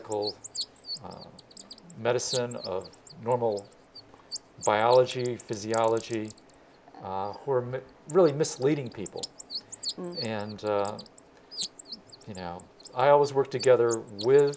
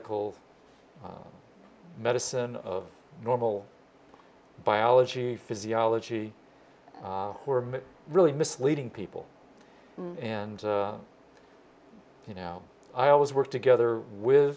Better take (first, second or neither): second